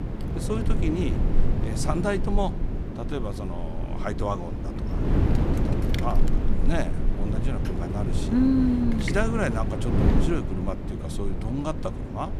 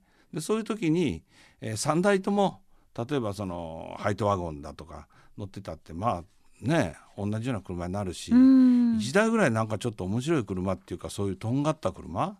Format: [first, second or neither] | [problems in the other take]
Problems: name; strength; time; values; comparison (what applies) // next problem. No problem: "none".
second | wind noise on the microphone; heavy; 4 dB below the speech